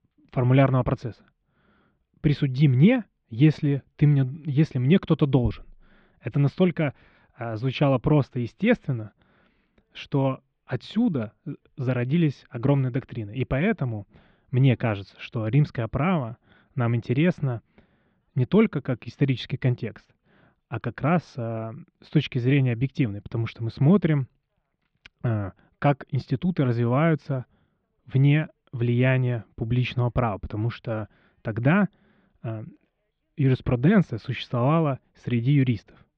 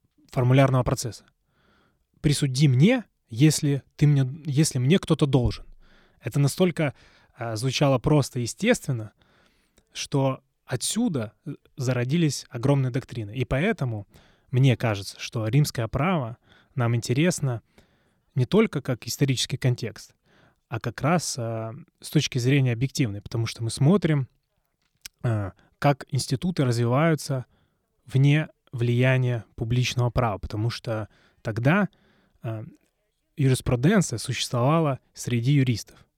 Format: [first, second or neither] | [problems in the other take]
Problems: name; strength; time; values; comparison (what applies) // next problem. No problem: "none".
second | muffled; very; fading above 3 kHz